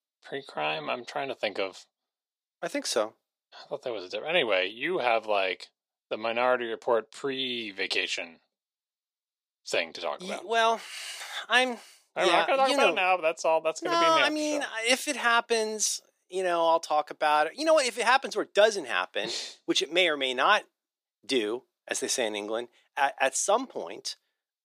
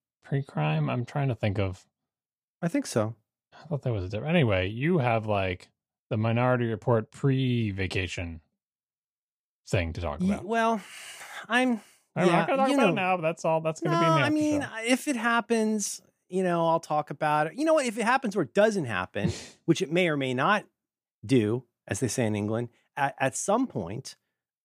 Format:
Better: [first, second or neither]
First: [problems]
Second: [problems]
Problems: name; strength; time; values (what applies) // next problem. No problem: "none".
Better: second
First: thin; very; fading below 400 Hz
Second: none